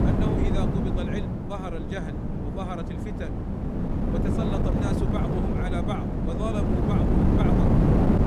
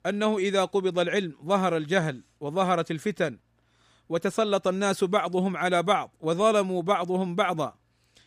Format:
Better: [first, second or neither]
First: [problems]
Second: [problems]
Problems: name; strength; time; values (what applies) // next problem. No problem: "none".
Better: second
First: wind noise on the microphone; heavy; 4 dB above the speech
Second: none